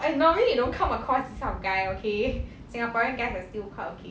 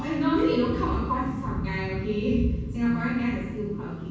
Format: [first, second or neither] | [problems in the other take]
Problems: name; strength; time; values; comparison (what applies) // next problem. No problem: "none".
first | room echo; dies away in 1.2 s